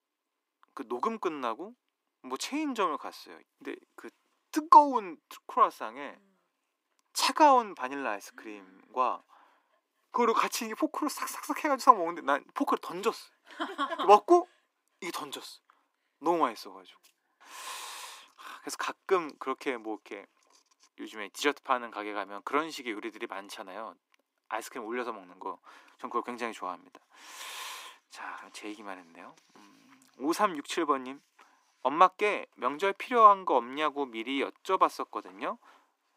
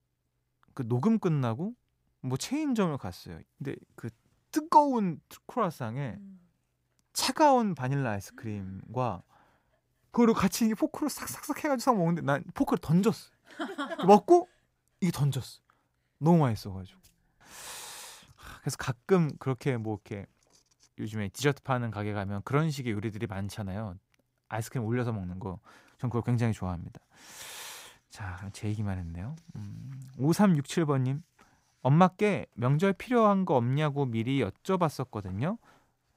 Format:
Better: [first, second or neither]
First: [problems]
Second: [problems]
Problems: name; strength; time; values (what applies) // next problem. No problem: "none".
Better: second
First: thin; very; fading below 300 Hz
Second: none